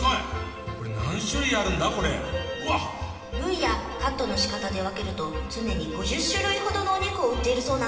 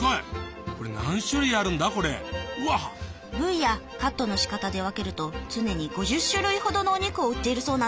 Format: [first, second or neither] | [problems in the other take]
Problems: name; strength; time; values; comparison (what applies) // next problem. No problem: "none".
second | room echo; dies away in 2.1 s